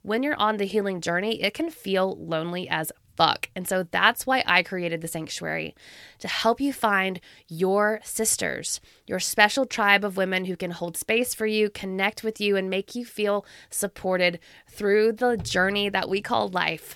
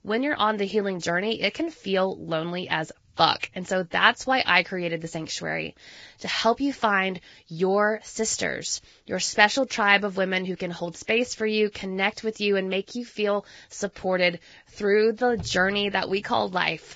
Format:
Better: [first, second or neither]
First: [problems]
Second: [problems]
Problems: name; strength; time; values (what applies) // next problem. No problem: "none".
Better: first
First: none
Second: garbled, watery; badly; nothing above 7.5 kHz